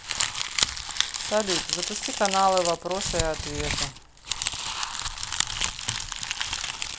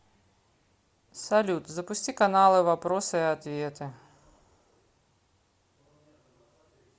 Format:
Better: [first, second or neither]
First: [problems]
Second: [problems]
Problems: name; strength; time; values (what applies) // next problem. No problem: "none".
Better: second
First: background sound (Crumpling, crinkling); 1 dB above the speech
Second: none